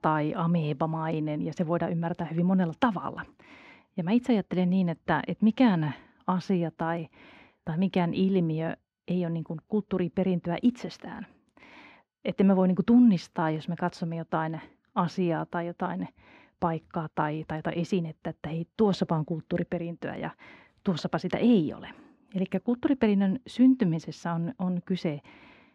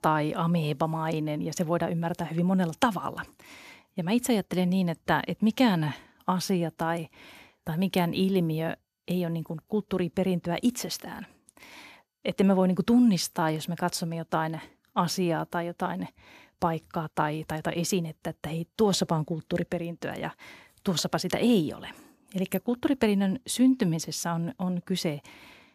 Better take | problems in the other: second | muffled; slightly; fading above 2.5 kHz

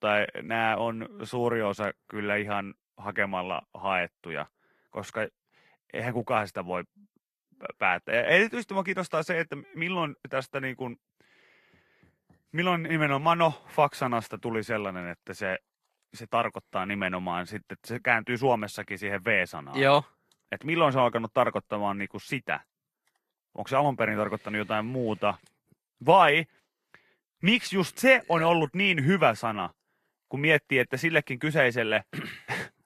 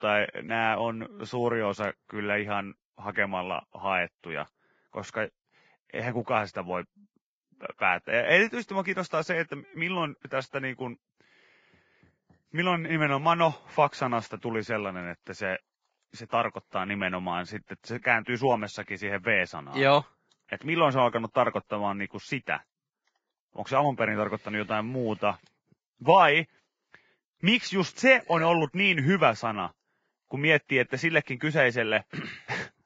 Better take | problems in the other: first | garbled, watery; badly; nothing above 7.5 kHz; slightly in the first

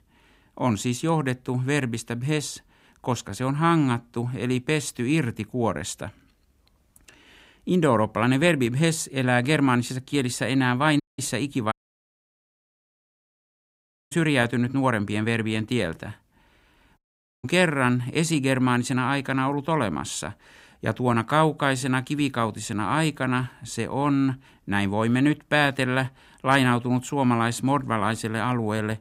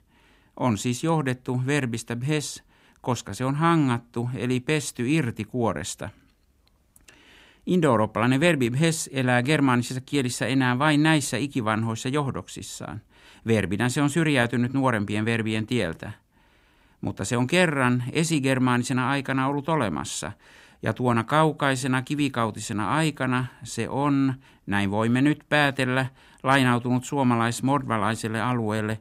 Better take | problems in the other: second | audio cutting out; at 11 s, at 12 s for 2.5 s and at 17 s

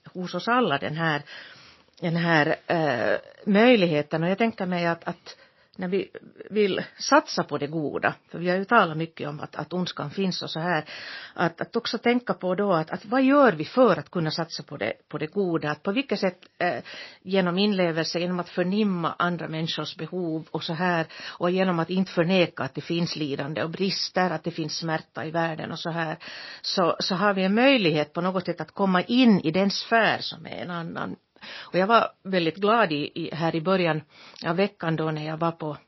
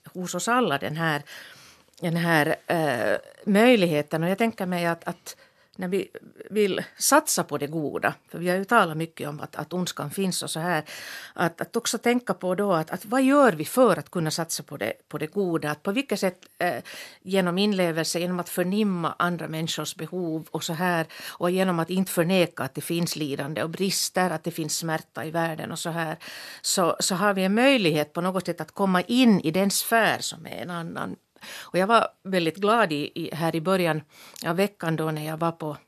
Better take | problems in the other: second | garbled, watery; slightly; nothing above 5.5 kHz

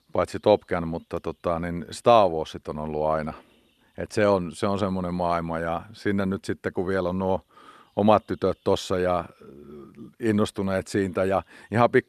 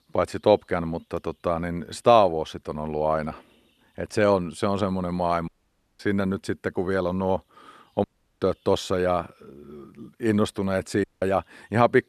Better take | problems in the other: first | audio cutting out; at 5.5 s for 0.5 s, at 8 s and at 11 s

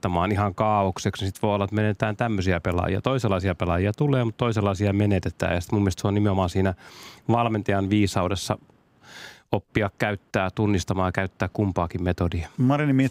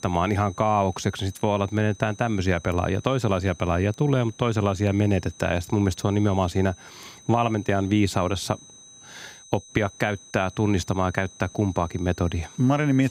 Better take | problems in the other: first | high-pitched whine; faint; throughout; 6 kHz, 20 dB below the speech

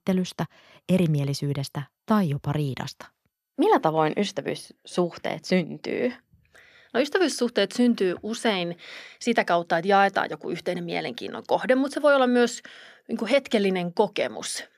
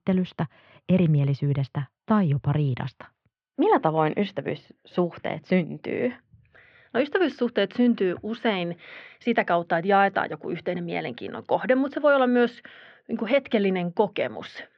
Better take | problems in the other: first | muffled; very; fading above 3 kHz

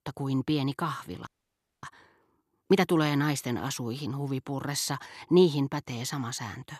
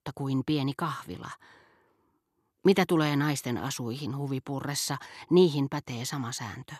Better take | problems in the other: second | audio freezing; at 1.5 s for 0.5 s

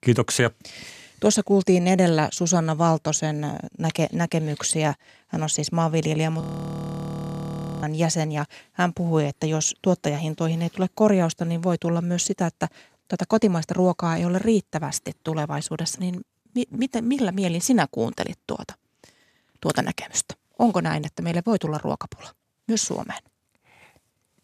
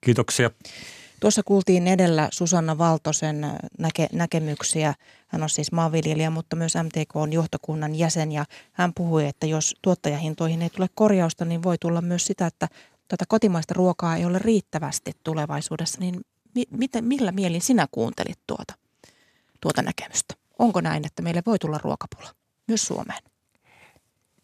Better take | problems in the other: second | audio freezing; at 6.5 s for 1.5 s

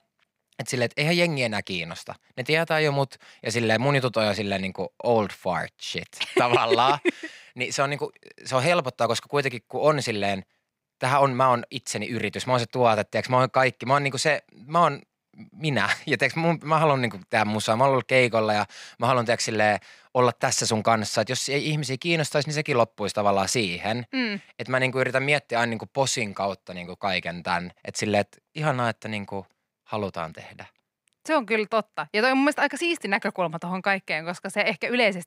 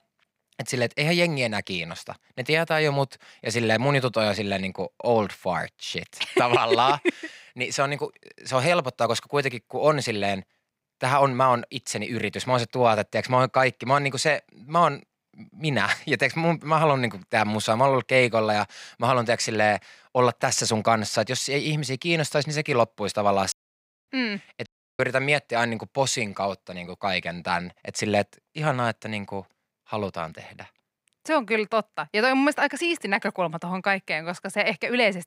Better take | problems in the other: first | audio cutting out; at 24 s for 0.5 s and at 25 s

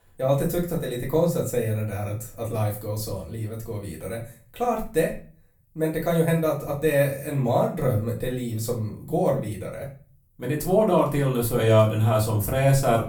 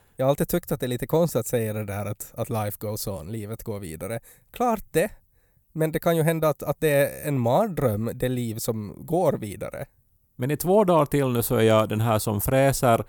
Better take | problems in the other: second | room echo; slight; dies away in 0.3 s // off-mic speech; far

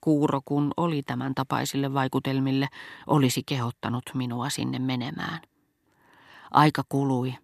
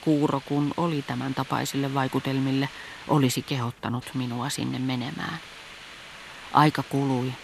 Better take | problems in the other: first | hiss; noticeable; throughout; 15 dB below the speech

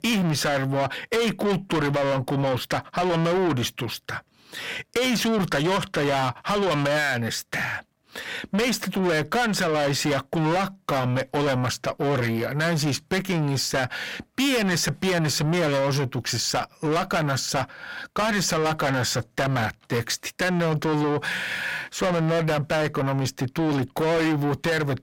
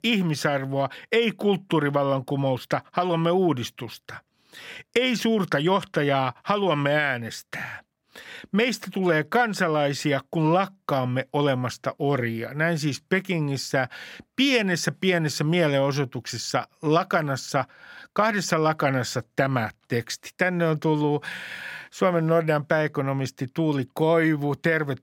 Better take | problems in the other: second | distortion; heavy; 5 dB below the speech

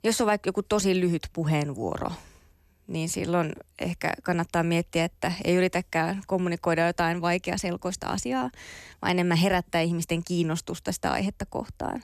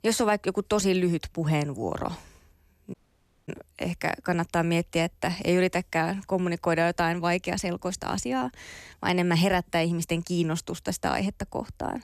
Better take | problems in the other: first | audio cutting out; at 3 s for 0.5 s

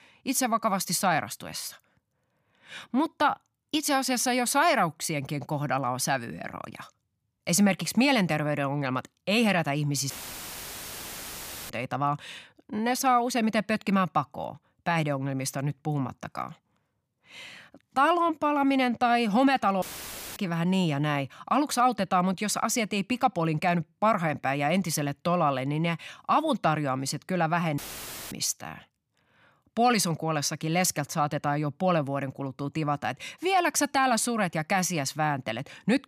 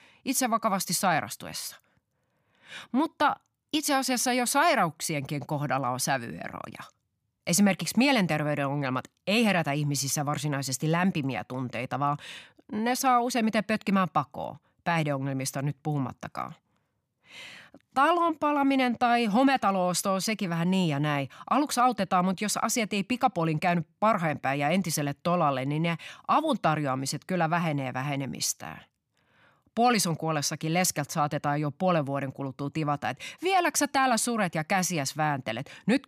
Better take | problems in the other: second | audio cutting out; filled with static; at 10 s for 1.5 s, at 20 s for 0.5 s and at 28 s for 0.5 s

